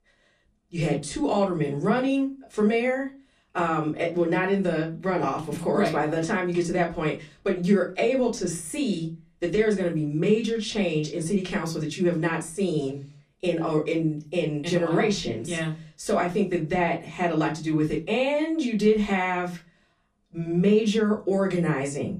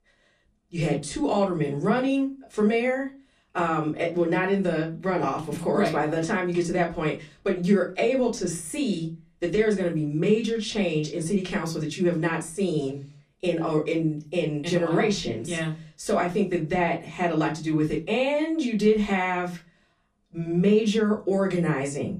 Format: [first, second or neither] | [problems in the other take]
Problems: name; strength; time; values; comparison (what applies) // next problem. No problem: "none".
neither | off-mic speech; far; the same in both // room echo; very slight; dies away in 0.2 s; the same in both